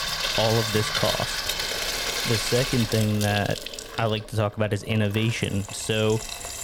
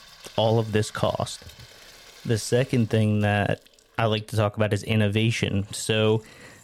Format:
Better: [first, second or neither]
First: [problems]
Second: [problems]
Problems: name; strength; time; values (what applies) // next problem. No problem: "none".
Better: second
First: household noises; loud; throughout; 1 dB below the speech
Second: household noises; faint; throughout; 25 dB below the speech